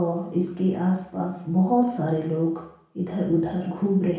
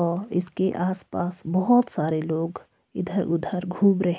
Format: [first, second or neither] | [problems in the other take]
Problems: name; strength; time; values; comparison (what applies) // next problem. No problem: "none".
second | room echo; dies away in 0.6 s